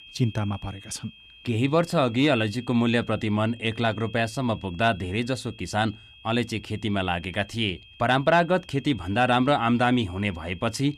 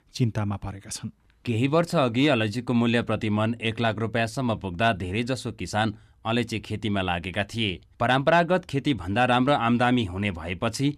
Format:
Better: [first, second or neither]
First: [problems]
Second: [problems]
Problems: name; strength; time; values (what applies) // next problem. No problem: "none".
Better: second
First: high-pitched whine; faint; throughout; 3 kHz, 20 dB below the speech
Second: none